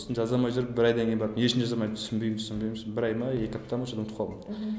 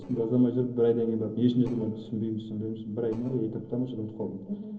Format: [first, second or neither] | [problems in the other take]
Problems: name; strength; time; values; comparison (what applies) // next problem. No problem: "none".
first | noise reduction (neural separator model SepFormer DNS4)